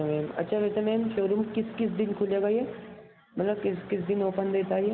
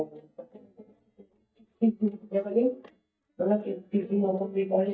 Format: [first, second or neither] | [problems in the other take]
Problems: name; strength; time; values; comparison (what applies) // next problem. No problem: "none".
first | noise reduction (neural mask model DeepFilterNet 3)